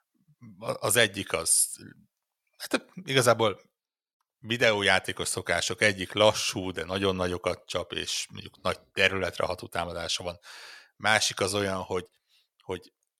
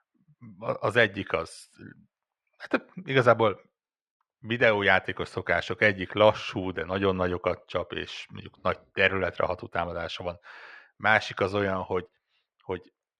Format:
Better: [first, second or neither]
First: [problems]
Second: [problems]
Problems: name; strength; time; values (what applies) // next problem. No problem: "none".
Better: first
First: none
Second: muffled; very; fading above 2 kHz